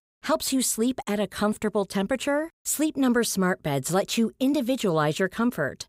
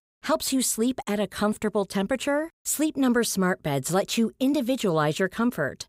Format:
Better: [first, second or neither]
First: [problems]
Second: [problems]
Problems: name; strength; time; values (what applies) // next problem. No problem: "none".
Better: neither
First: none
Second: none